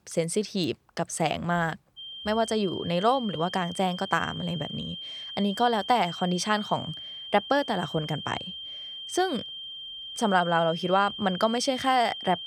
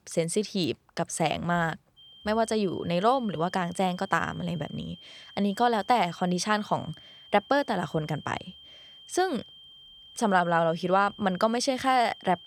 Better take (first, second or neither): second